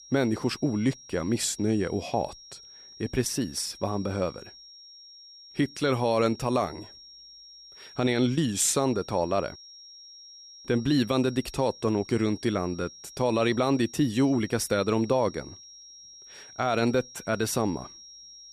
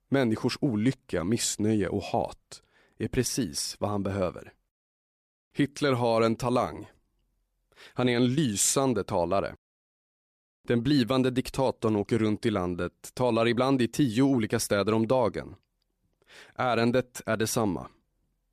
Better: second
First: high-pitched whine; noticeable; throughout; 5.5 kHz, 20 dB below the speech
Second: none

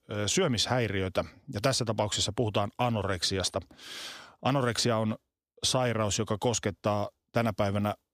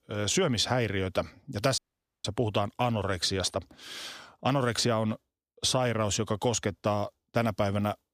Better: first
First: none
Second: audio cutting out; at 2 s

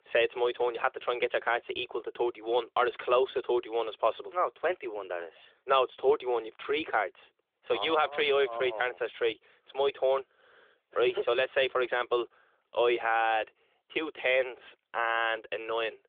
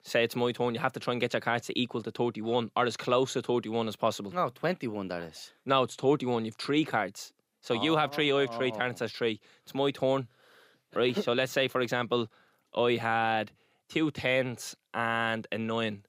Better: second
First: phone-call audio; nothing above 3.5 kHz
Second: none

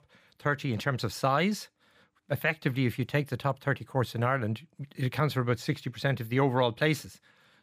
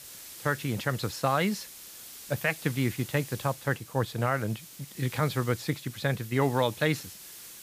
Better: first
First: none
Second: hiss; noticeable; throughout; 15 dB below the speech

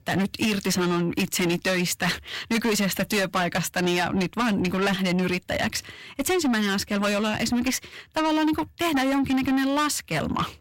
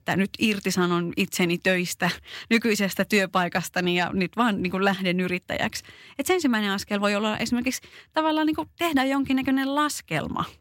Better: second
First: distortion; heavy; 7 dB below the speech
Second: none

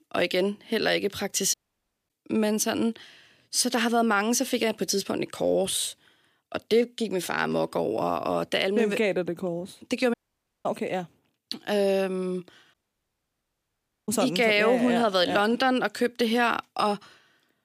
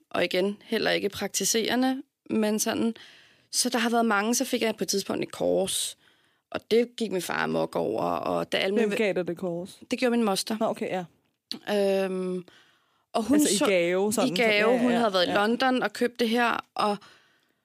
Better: second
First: audio cutting out; at 1.5 s for 0.5 s, at 10 s for 0.5 s and at 13 s for 1.5 s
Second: none

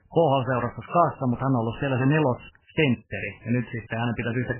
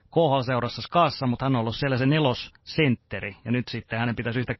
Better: second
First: garbled, watery; badly; nothing above 3 kHz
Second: garbled, watery; slightly; nothing above 5.5 kHz

